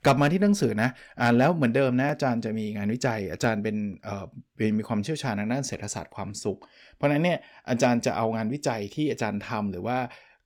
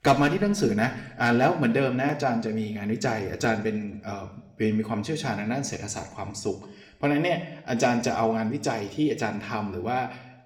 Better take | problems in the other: first | room echo; very slight; dies away in 0.7 s

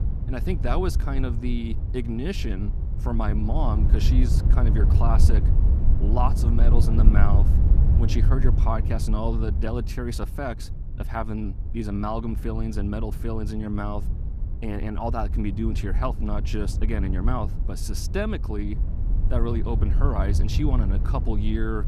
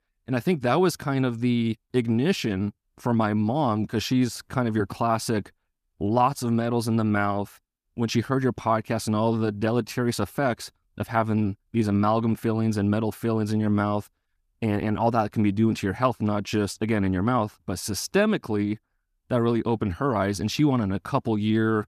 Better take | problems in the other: second | wind noise on the microphone; heavy; 8 dB below the speech

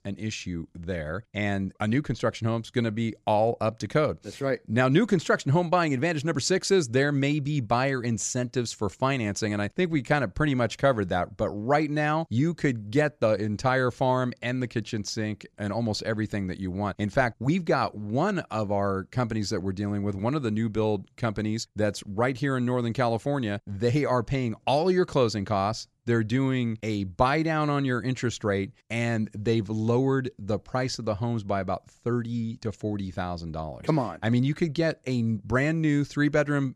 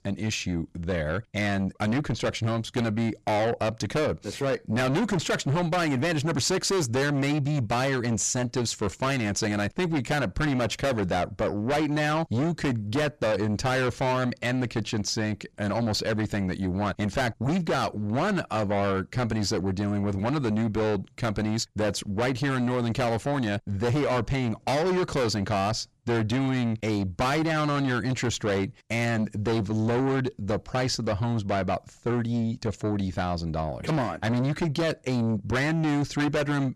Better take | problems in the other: first | distortion; heavy; 6 dB below the speech

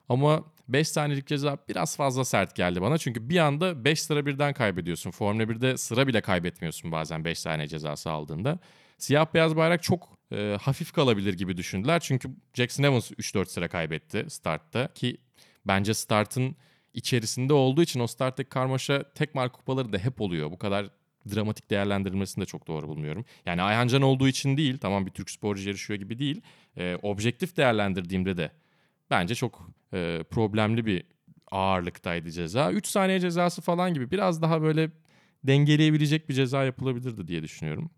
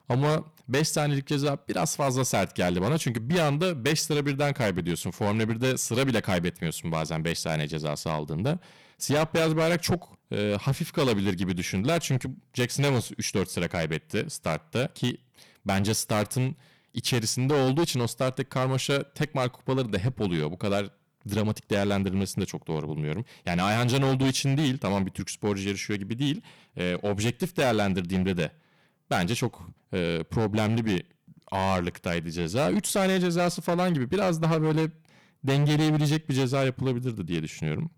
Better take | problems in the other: first | distortion; heavy; 11% of the sound clipped

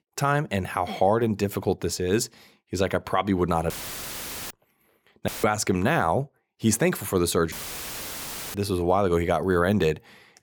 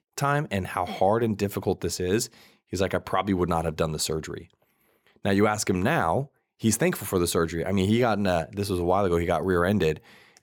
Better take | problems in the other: second | audio cutting out; filled with static; at 3.5 s for 1 s, at 5.5 s and at 7.5 s for 1 s

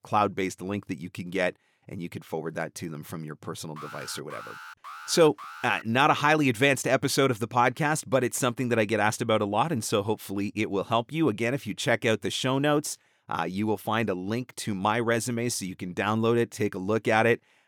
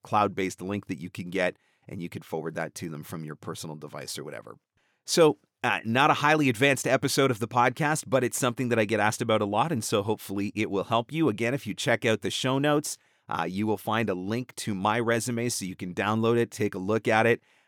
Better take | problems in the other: second | alarm; faint; from 4 to 6 s; peak 15 dB below the speech

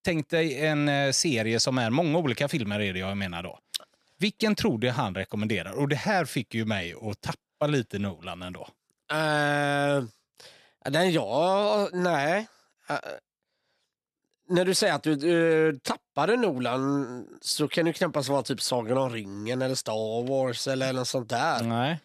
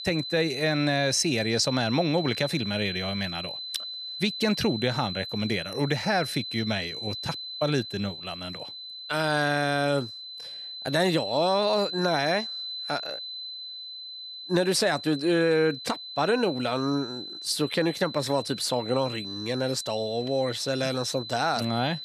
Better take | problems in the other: first | high-pitched whine; loud; throughout; 4 kHz, 8 dB below the speech

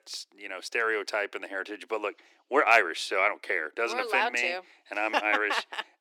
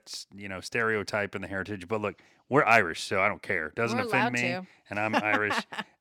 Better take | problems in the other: second | thin; somewhat; fading below 300 Hz

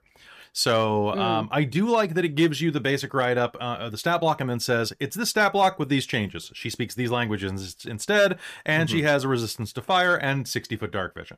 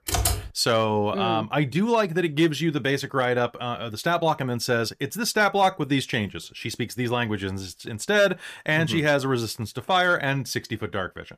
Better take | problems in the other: first | keyboard typing; loud; at the start; peak level with the speech

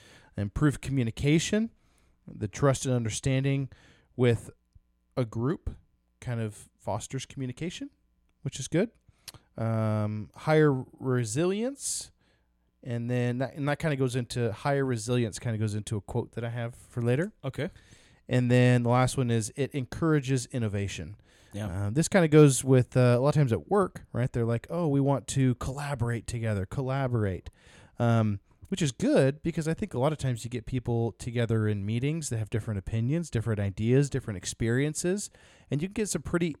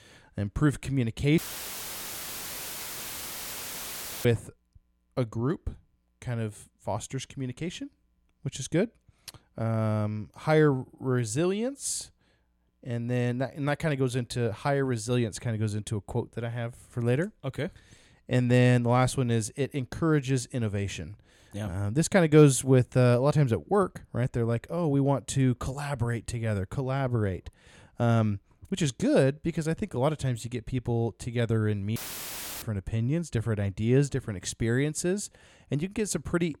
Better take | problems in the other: first | audio cutting out; filled with static; at 1.5 s for 3 s and at 32 s for 0.5 s

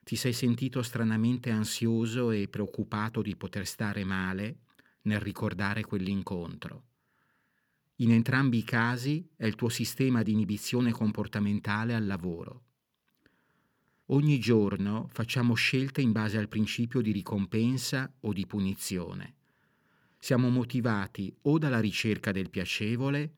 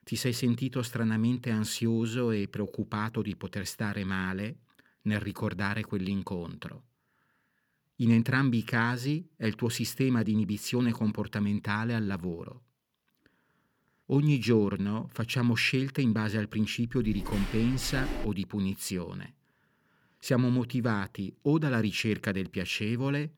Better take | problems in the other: first | footsteps; noticeable; from 17 to 18 s; peak 7 dB below the speech

